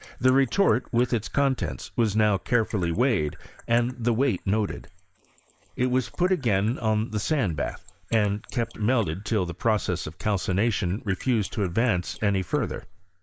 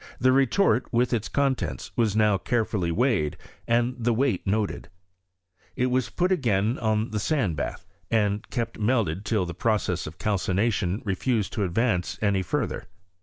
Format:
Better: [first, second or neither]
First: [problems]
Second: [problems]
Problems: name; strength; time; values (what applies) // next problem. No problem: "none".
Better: second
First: noise reduction (neural mask model Resemble Enhance denoiser)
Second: none